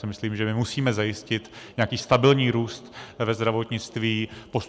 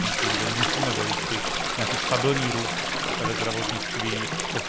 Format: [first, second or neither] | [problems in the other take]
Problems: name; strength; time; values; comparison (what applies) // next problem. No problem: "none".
first | background sound (Toilet flush); 4 dB above the speech